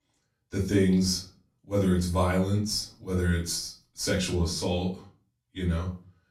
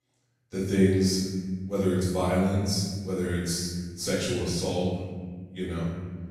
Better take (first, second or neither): first